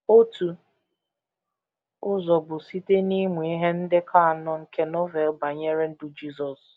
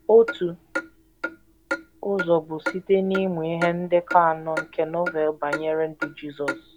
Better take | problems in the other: first | background sound (Clock); 10 dB below the speech

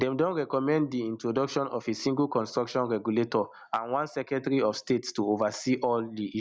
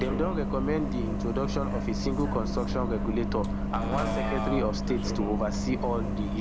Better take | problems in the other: first | background sound (Bus); 2 dB above the speech

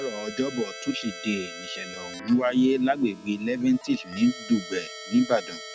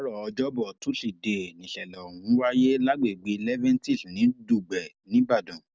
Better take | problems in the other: second | background sound (Keyboard (musical)); 14 dB below the speech

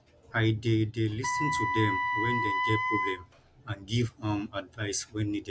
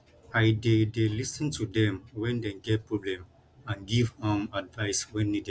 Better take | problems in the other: second | background sound (Wind instrument, woodwind instrument); 1 dB above the speech

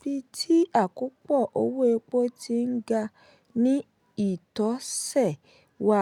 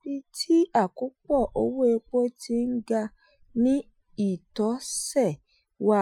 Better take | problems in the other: first | noise reduction (classical method Wiener filter)

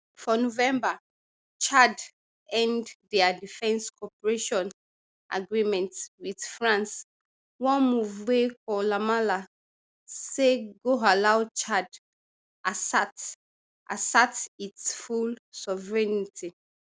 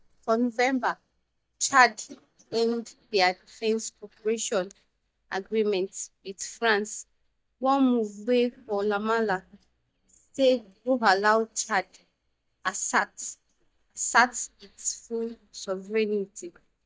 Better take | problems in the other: first | noise reduction (neural mask model DeepFilterNet 3)

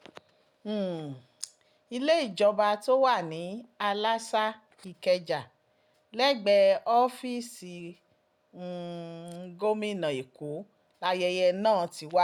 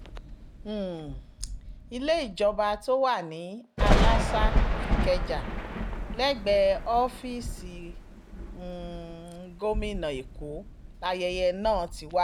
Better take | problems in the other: first | background sound (Thunder); as loud as the speech

